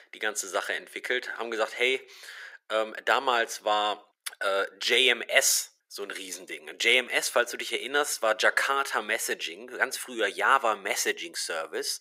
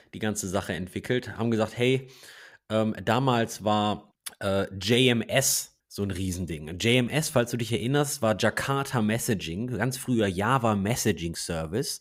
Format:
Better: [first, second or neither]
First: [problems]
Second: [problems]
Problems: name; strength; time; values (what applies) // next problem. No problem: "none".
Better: second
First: thin; very; fading below 400 Hz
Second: none